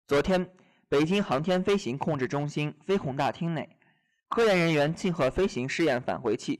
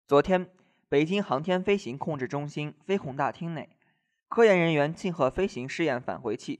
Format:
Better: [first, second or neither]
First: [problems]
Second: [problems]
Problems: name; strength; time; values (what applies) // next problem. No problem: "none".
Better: second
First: distortion; heavy; 10% of the sound clipped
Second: none